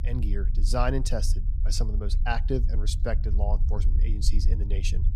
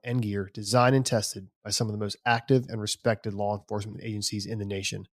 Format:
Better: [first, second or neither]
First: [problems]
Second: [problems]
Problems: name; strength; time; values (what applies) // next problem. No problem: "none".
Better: second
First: low rumble; noticeable; throughout; 15 dB below the speech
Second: none